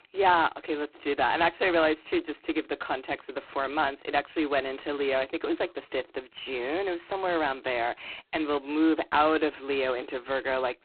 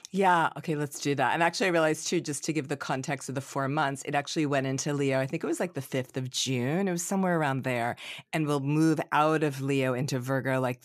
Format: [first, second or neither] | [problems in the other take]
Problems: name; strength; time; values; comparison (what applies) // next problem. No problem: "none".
second | phone-call audio; poor line; nothing above 4 kHz